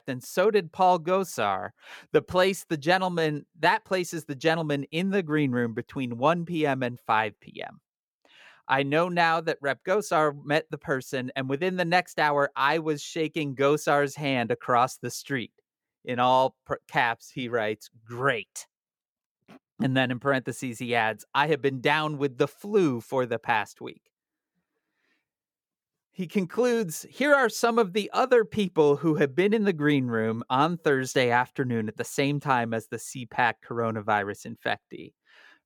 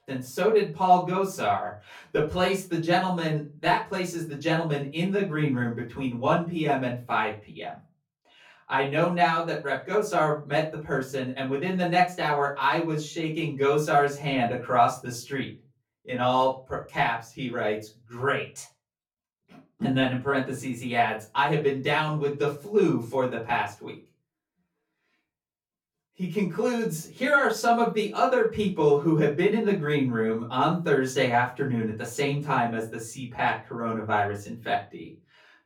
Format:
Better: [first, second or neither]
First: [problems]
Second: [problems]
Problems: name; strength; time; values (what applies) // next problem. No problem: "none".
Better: first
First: none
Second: room echo; slight; dies away in 0.3 s // off-mic speech; far